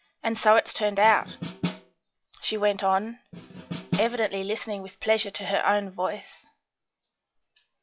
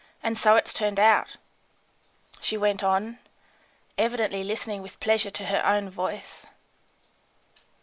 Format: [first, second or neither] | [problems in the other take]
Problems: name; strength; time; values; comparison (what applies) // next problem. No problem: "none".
second | noise reduction (classical method log-MMSE)